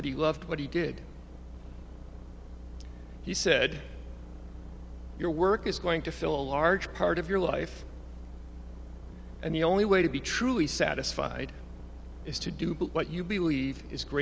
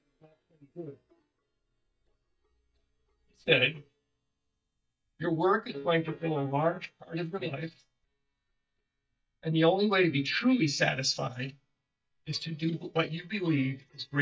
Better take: first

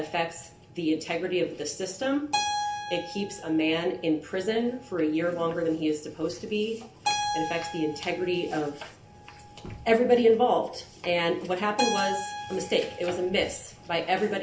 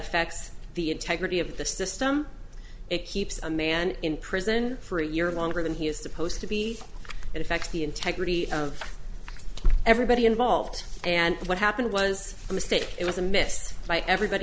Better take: second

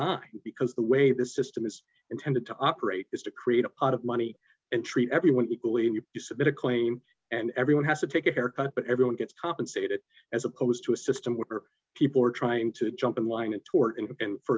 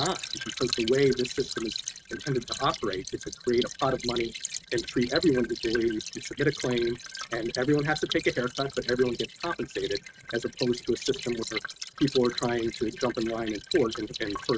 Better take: first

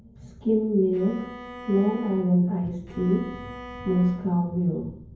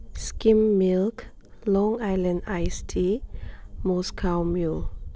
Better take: second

